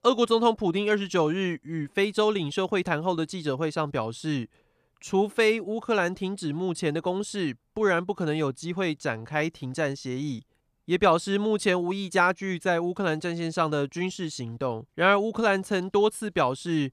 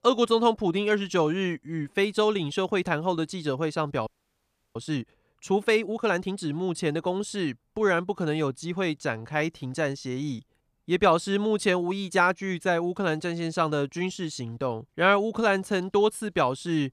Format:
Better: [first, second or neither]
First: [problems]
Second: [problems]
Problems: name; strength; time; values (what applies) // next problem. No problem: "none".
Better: first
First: none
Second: audio freezing; at 4 s for 0.5 s